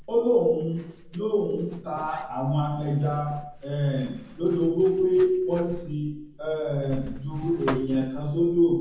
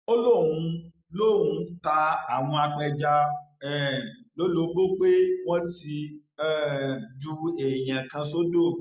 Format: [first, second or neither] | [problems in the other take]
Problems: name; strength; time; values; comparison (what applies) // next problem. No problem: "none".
second | background sound (Zipper (clothing)); 15 dB below the speech // room echo; dies away in 0.7 s